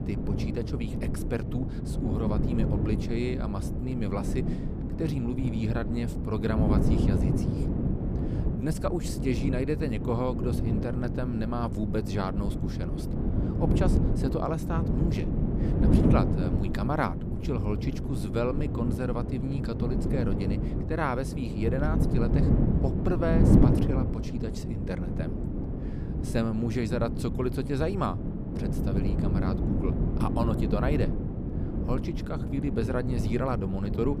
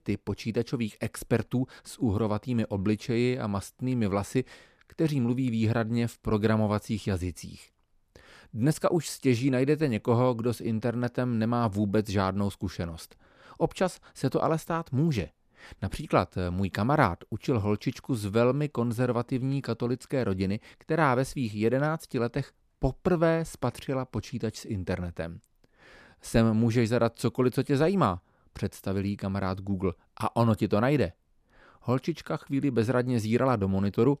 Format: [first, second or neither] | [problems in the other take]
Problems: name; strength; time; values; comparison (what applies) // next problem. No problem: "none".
second | wind noise on the microphone; heavy; 2 dB below the speech